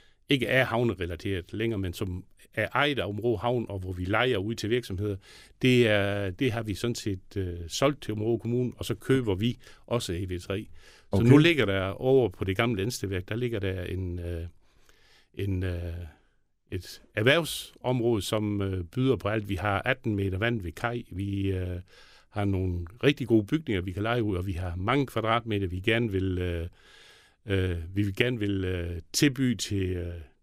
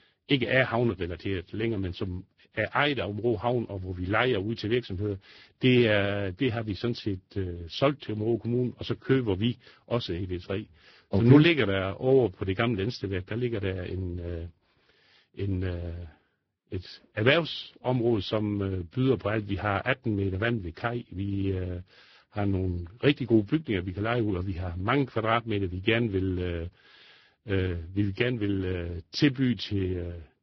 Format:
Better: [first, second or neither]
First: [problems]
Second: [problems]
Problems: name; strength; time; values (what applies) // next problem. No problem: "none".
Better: first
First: none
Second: garbled, watery; badly; nothing above 5.5 kHz